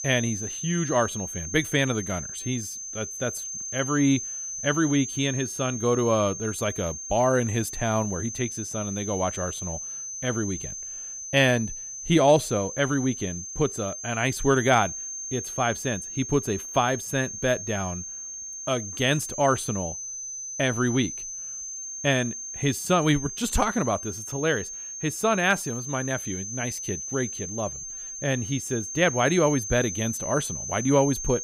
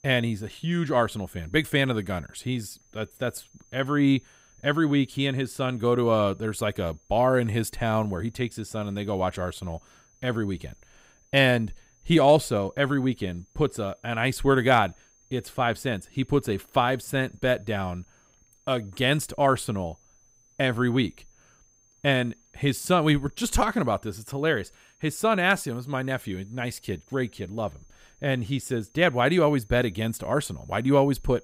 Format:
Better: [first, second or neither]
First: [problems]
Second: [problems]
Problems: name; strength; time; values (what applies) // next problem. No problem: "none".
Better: second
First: high-pitched whine; loud; throughout; 6.5 kHz, 7 dB below the speech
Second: high-pitched whine; faint; throughout; 6.5 kHz, 35 dB below the speech